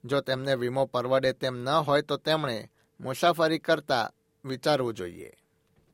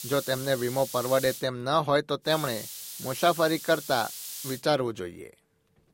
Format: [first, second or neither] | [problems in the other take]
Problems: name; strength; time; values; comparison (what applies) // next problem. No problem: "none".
first | hiss; noticeable; until 1.5 s and from 2.5 to 4.5 s; 10 dB below the speech